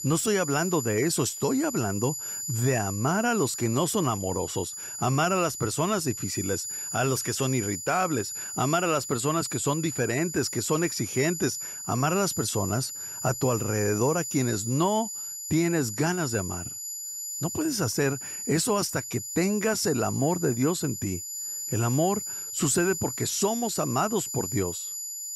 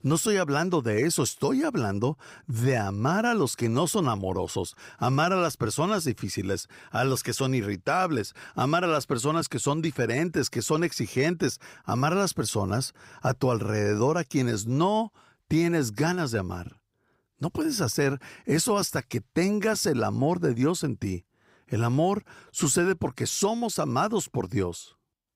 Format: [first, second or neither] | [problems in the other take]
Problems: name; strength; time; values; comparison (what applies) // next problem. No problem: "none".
second | high-pitched whine; loud; throughout; 7 kHz, 6 dB below the speech